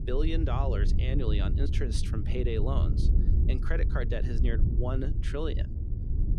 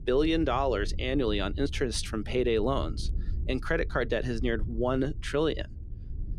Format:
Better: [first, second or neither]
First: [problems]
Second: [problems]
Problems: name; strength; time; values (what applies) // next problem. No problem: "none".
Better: second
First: wind noise on the microphone; heavy; 7 dB below the speech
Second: wind noise on the microphone; occasional gusts; 25 dB below the speech